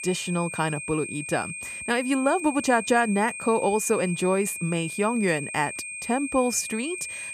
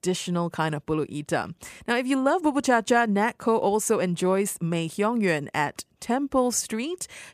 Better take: second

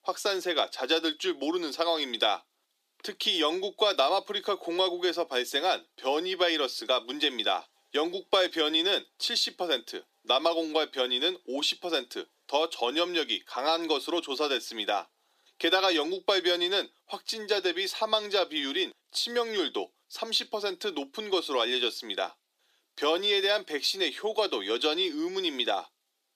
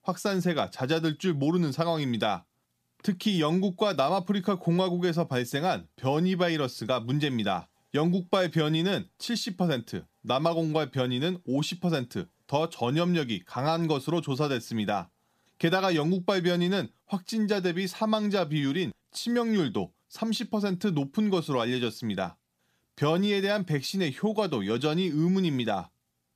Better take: second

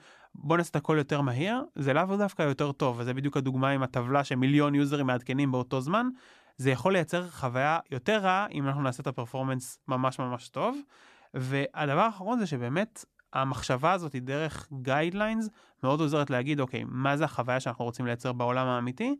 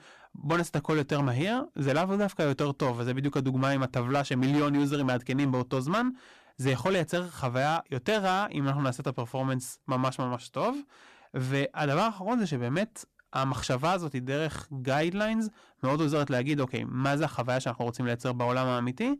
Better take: first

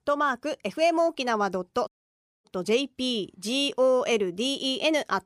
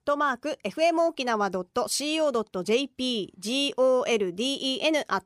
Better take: second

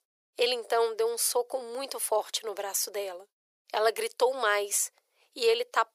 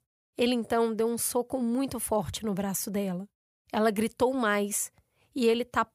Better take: second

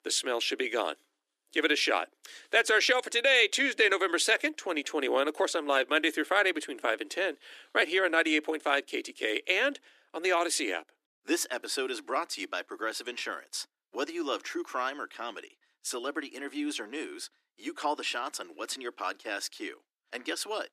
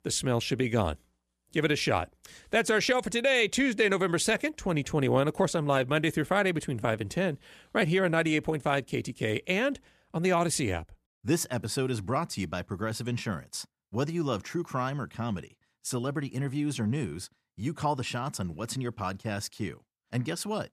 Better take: second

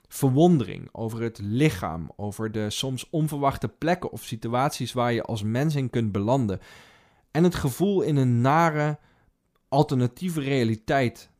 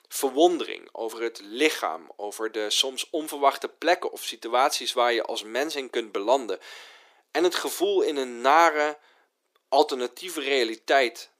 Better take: first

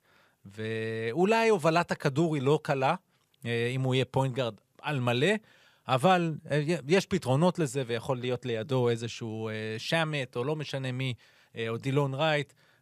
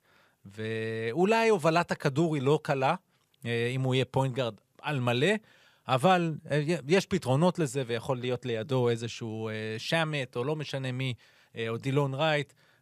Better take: neither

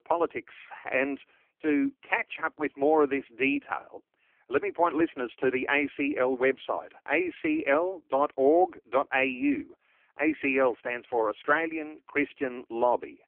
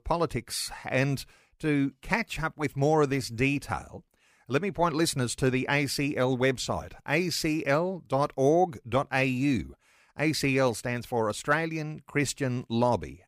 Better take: second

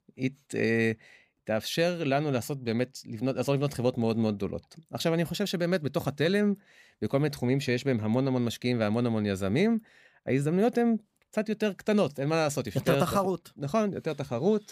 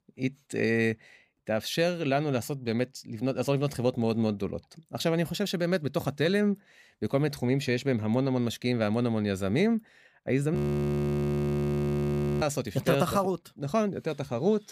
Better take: first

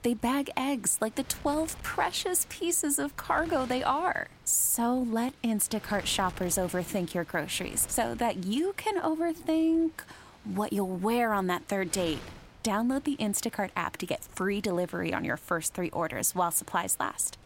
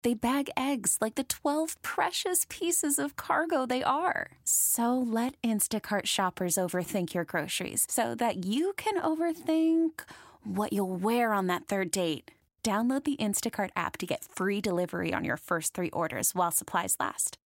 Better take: second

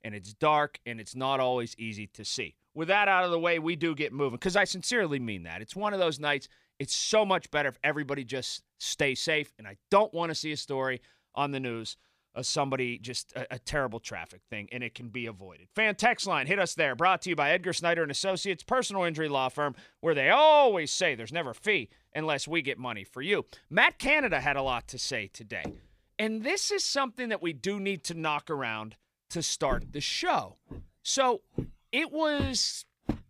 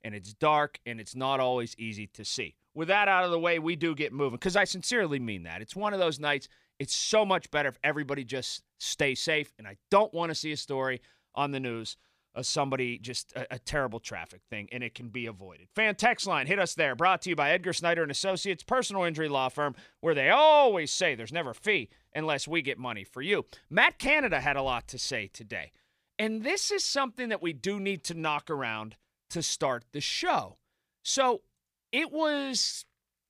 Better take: second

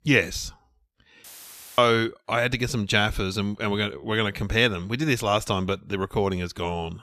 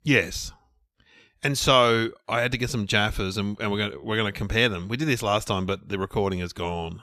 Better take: second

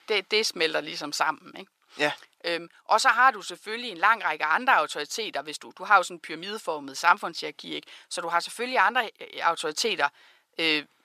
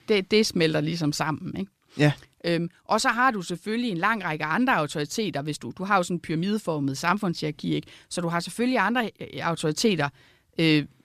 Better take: second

